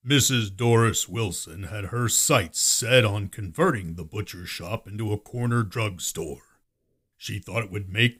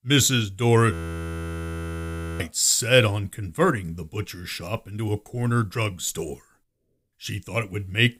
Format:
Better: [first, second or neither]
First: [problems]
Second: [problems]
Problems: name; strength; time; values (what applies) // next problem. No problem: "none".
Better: first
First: none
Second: audio freezing; at 1 s for 1.5 s